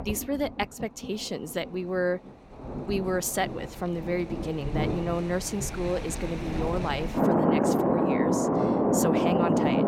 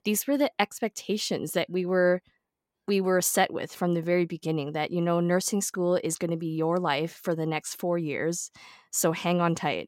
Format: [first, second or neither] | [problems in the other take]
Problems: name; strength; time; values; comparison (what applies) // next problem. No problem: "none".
second | rain or running water; very loud; throughout; 3 dB above the speech